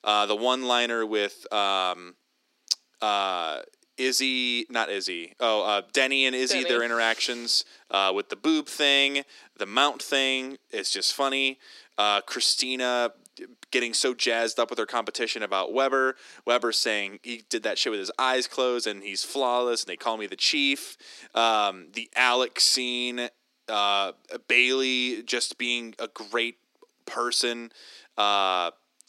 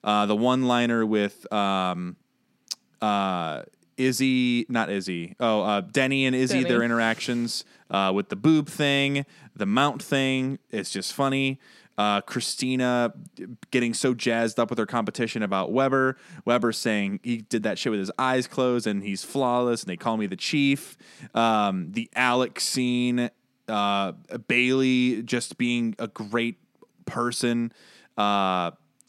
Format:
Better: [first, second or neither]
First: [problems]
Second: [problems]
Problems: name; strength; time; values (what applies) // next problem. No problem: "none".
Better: second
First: thin; somewhat; fading below 300 Hz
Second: none